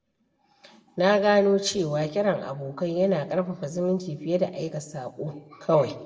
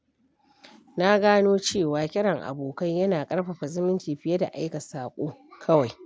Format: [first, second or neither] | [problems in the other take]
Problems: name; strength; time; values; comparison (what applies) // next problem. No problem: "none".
second | room echo; dies away in 0.7 s